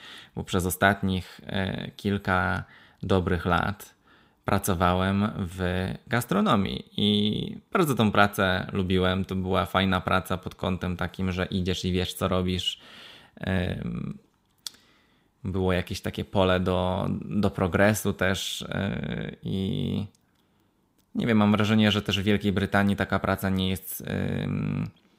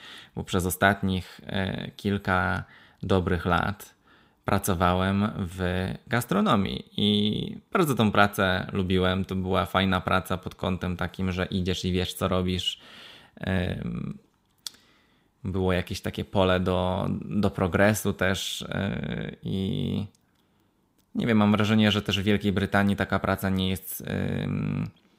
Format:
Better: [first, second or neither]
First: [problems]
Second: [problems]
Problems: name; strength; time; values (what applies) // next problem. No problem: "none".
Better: neither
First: none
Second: none